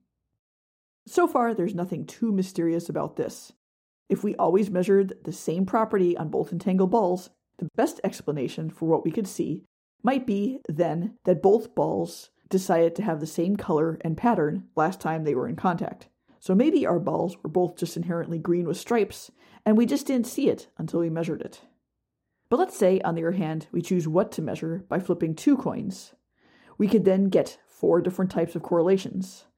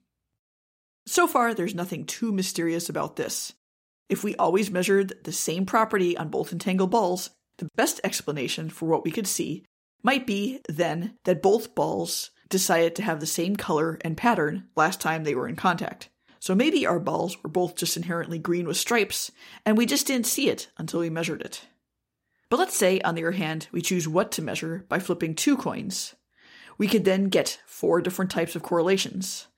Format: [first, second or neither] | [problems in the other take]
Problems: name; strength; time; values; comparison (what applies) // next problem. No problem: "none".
second | muffled; slightly; fading above 1 kHz